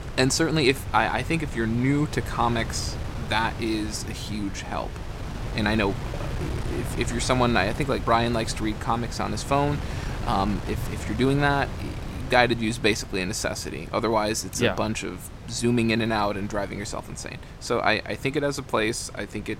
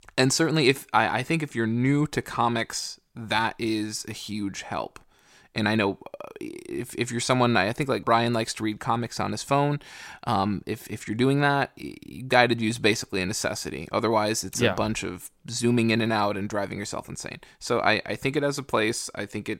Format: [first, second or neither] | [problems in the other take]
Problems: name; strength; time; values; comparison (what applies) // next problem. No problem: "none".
second | wind noise on the microphone; occasional gusts; 15 dB below the speech